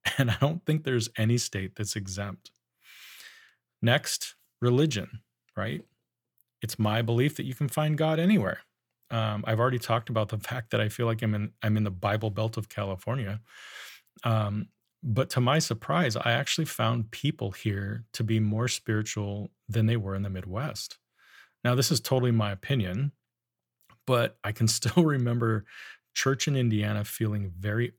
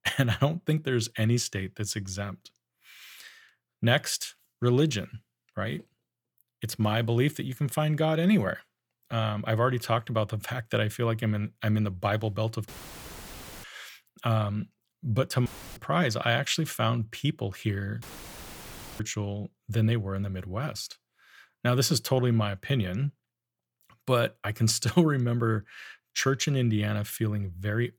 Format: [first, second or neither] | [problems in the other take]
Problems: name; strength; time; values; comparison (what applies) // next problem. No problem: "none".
first | audio cutting out; filled with static; at 13 s for 1 s, at 15 s and at 18 s for 1 s